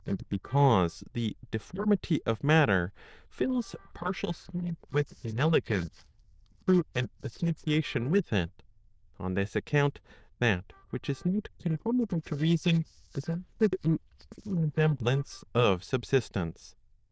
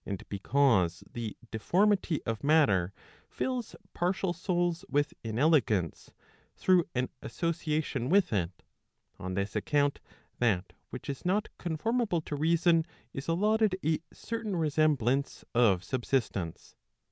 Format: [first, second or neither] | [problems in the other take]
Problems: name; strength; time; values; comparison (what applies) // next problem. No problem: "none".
second | noise reduction (neural diffusion model UNIVERSE++)